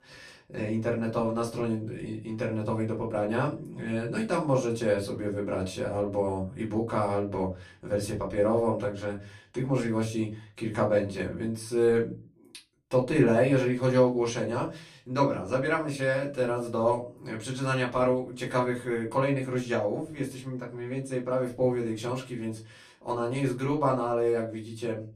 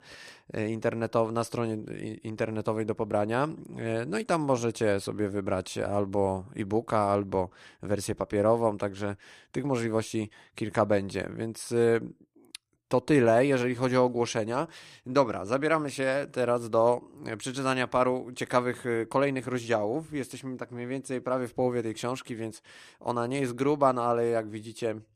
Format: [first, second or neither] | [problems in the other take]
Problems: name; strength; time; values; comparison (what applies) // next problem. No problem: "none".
second | off-mic speech; far // room echo; very slight; dies away in 0.3 s